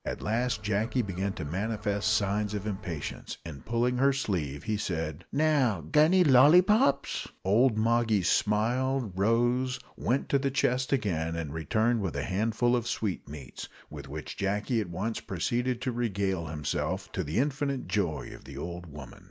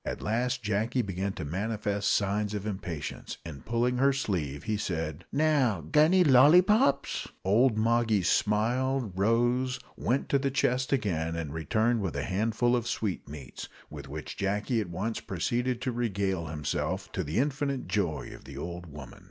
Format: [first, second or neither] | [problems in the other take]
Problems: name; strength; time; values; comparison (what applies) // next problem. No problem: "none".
second | background sound (Gull, seagull); 16 dB below the speech